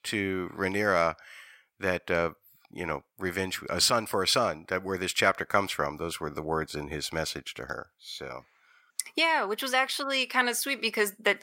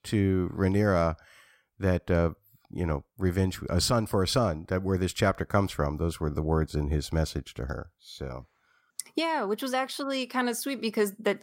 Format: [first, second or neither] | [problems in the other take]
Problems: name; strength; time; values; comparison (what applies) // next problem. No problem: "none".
second | thin; somewhat; fading below 750 Hz